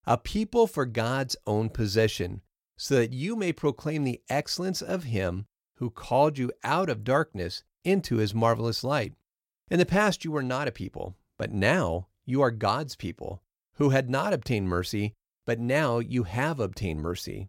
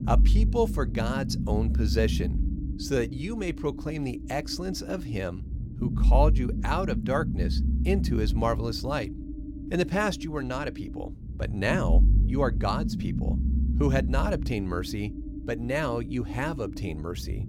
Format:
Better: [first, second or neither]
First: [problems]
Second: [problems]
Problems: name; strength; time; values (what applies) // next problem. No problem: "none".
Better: first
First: none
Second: low rumble; noticeable; throughout; 10 dB below the speech